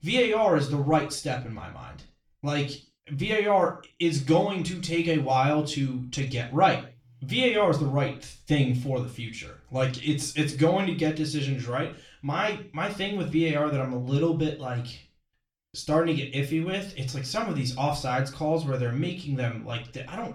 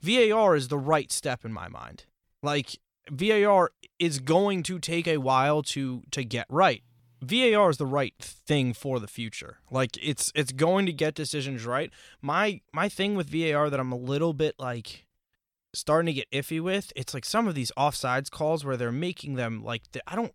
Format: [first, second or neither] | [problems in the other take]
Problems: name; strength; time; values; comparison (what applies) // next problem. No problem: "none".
second | room echo; slight; dies away in 0.3 s // off-mic speech; far